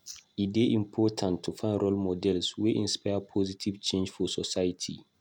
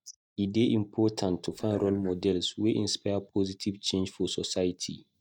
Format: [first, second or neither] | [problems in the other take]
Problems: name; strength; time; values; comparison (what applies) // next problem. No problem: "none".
first | noise reduction (neural mask model DeepFilterNet 3)